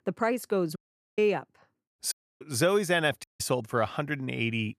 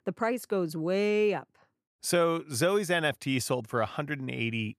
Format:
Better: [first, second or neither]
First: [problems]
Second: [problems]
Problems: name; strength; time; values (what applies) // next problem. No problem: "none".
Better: second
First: audio cutting out; at 1 s, at 2 s and at 3 s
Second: none